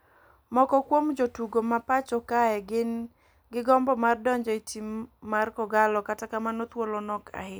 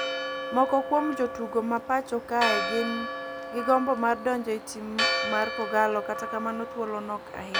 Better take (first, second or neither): first